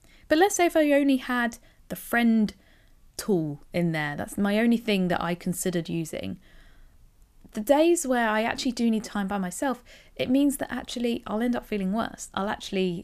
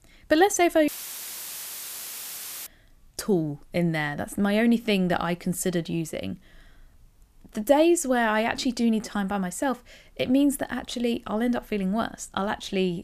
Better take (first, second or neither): first